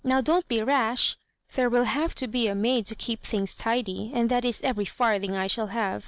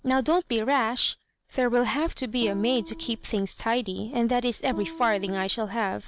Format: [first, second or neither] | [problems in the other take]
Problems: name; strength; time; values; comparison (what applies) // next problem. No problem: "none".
first | background sound (Guitar); 14 dB below the speech